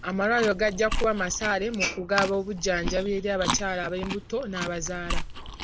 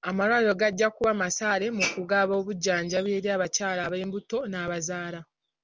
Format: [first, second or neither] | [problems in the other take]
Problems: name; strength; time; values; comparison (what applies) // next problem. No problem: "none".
second | background sound (Chewing, mastication); 6 dB below the speech